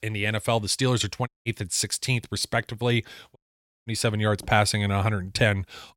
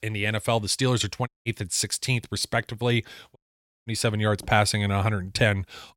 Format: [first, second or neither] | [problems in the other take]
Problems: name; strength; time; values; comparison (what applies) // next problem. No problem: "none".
neither | audio cutting out; at 1.5 s and at 3.5 s for 0.5 s; the same in both